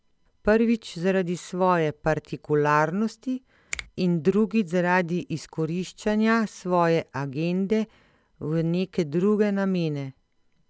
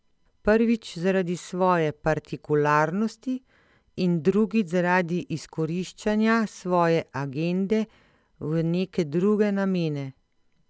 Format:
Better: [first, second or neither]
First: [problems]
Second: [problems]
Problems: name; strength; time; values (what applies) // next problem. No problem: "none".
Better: second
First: background sound (Finger snapping); 18 dB below the speech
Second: none